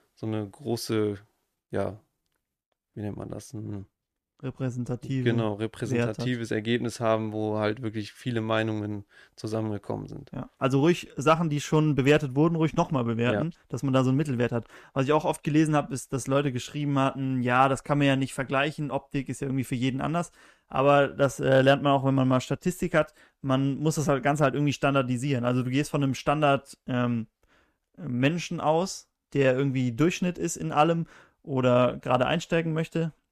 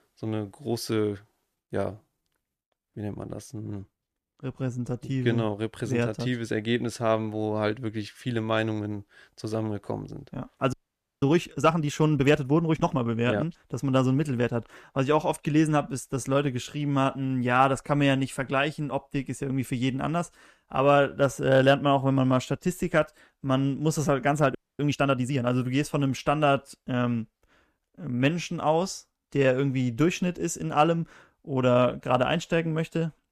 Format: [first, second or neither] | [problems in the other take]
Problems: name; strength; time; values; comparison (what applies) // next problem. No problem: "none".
first | audio freezing; at 11 s and at 25 s